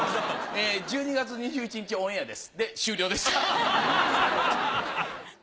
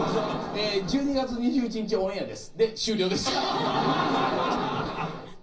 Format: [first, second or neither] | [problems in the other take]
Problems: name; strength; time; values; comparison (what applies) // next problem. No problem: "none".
first | background sound (Writing); 18 dB below the speech // room echo; dies away in 0.5 s